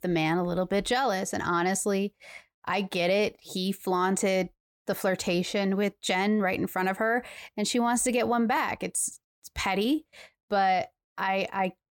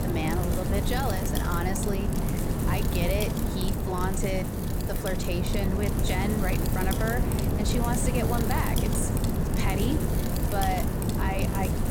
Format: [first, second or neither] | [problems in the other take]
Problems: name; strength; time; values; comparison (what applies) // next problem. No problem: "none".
first | wind noise on the microphone; heavy; 2 dB below the speech